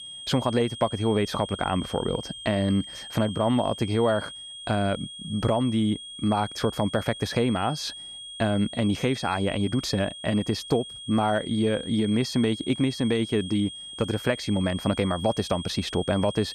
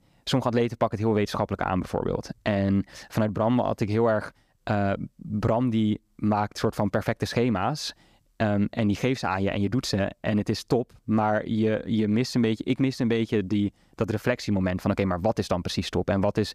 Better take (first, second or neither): second